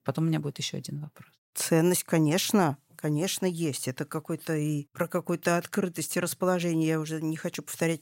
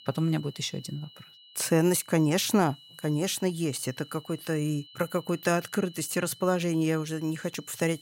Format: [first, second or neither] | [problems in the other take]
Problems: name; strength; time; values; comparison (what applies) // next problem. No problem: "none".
first | high-pitched whine; faint; throughout; 3 kHz, 20 dB below the speech